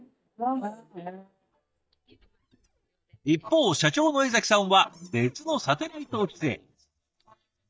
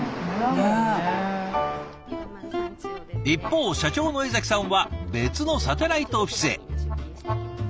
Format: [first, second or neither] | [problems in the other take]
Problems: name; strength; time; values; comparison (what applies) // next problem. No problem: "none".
second | noise reduction (neural mask model DeepFilterNet 3)